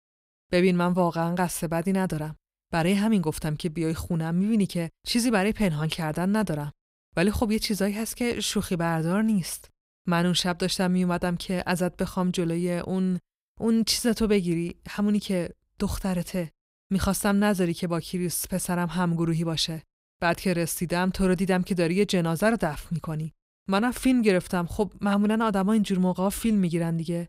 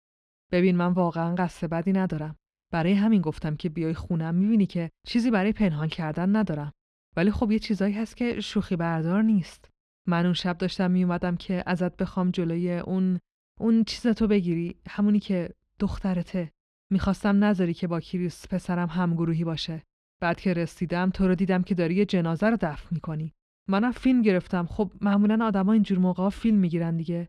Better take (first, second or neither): first